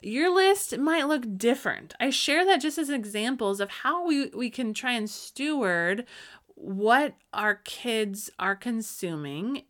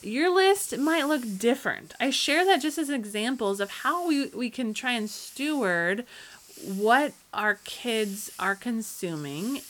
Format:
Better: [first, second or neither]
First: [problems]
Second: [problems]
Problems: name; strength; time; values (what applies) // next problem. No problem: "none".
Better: first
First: none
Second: hiss; faint; throughout; 20 dB below the speech